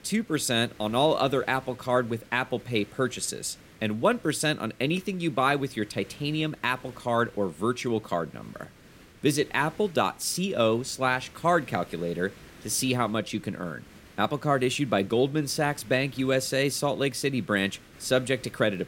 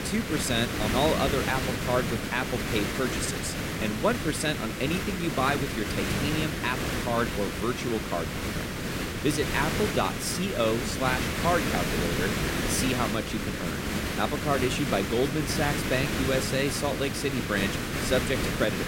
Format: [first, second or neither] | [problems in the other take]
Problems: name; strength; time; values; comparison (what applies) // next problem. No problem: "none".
first | hiss; loud; throughout; 1 dB below the speech; faint in the first